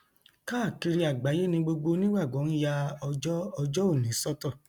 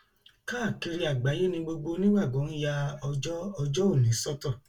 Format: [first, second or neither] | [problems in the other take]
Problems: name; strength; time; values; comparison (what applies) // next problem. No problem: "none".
first | room echo; dies away in 0.1 s